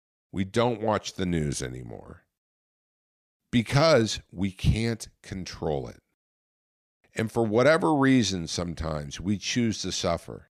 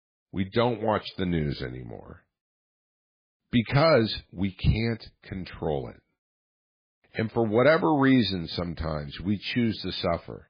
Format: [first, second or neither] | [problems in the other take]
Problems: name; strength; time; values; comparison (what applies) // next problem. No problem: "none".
first | garbled, watery; badly; nothing above 4.5 kHz